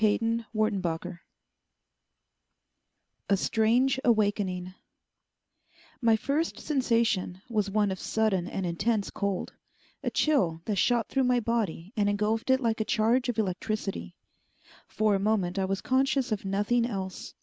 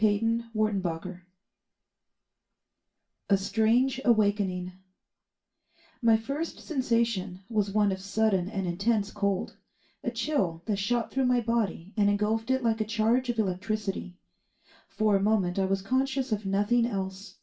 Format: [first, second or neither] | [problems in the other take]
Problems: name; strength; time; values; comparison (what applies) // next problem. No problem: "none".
first | room echo; dies away in 0.2 s